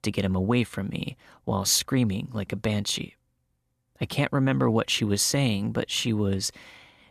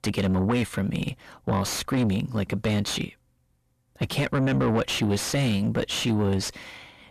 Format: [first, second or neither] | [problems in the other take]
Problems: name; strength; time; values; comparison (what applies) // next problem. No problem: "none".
first | distortion; heavy; 6 dB below the speech